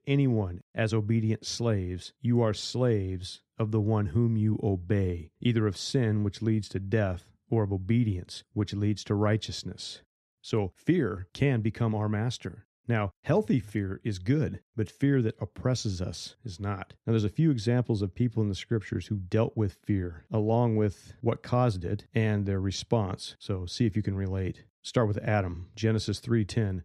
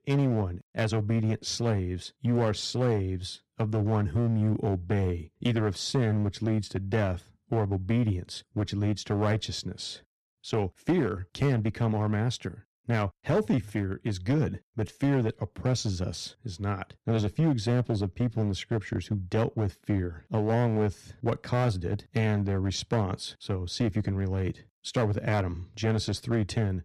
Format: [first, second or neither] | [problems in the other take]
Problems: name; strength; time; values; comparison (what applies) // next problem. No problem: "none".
first | distortion; slight; 6% of the sound clipped